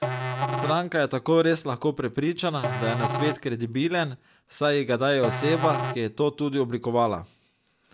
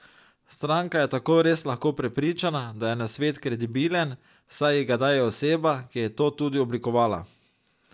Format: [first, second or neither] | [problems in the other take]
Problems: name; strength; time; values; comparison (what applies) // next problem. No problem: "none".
second | background sound (Musical instrument); 7 dB below the speech